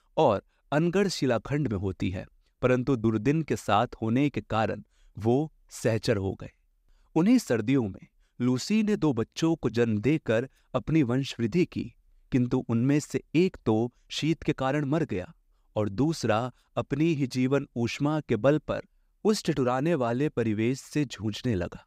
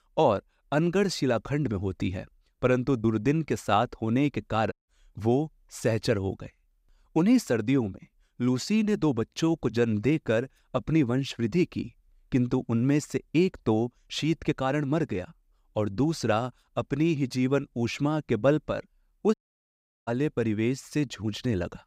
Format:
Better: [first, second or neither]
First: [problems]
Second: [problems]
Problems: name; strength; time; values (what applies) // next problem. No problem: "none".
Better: first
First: none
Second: audio cutting out; at 4.5 s and at 19 s for 0.5 s